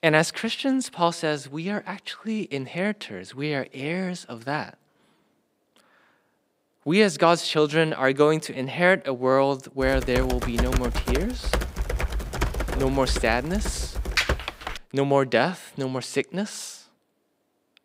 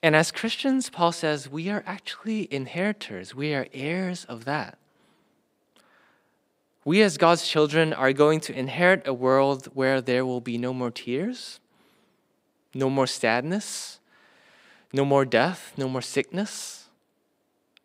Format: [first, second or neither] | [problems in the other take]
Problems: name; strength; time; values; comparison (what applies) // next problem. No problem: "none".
second | keyboard typing; loud; from 10 to 15 s; peak 1 dB above the speech